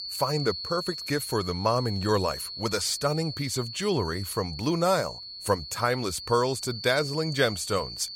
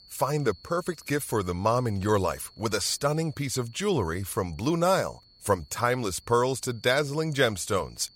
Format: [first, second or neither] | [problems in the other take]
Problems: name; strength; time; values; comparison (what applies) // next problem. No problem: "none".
second | high-pitched whine; loud; throughout; 4.5 kHz, 8 dB below the speech; faint in the second